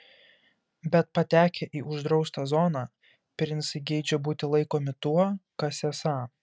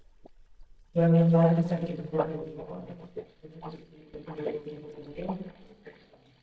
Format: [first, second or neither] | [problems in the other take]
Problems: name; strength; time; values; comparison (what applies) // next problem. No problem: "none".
first | noise reduction (neural mask model DeepFilterNet 3)